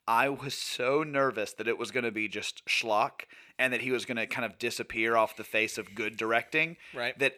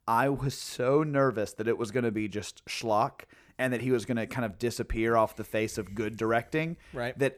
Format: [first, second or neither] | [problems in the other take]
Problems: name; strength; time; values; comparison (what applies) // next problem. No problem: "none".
second | thin; very slightly; fading below 900 Hz